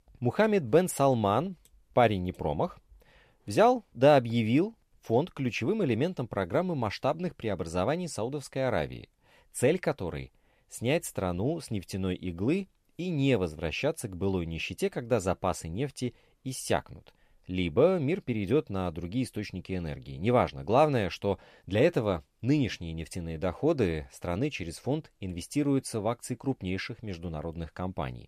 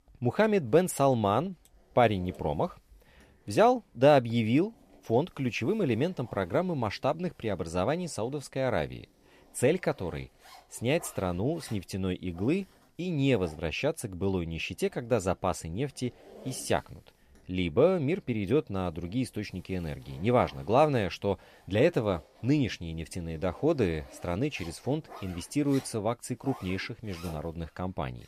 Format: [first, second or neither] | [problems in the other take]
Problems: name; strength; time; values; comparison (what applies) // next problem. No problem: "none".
first | household noises; faint; throughout; 25 dB below the speech